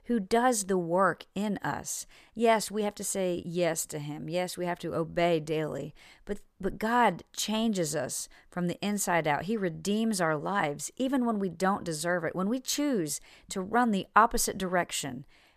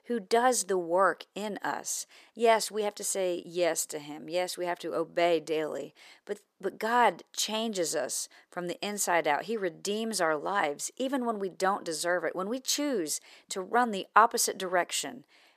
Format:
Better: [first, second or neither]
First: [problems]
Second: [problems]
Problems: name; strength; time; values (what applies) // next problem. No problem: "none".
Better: first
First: none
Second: thin; very slightly; fading below 400 Hz